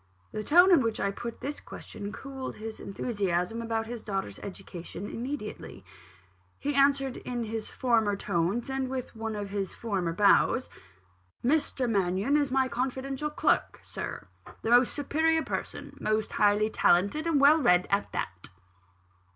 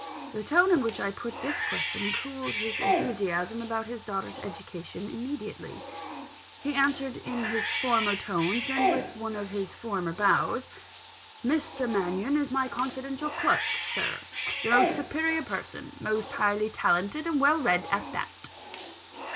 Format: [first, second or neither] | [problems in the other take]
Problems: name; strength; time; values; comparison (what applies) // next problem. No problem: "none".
first | background sound (Bathtub (filling or washing) / Cat); 5 dB below the speech